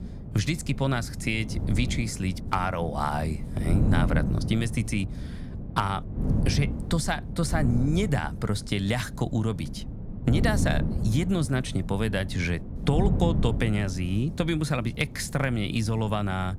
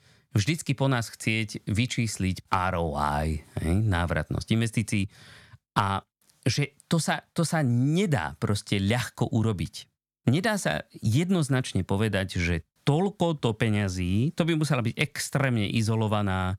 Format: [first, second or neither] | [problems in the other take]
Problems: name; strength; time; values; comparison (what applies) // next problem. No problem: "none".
second | wind noise on the microphone; occasional gusts; 10 dB below the speech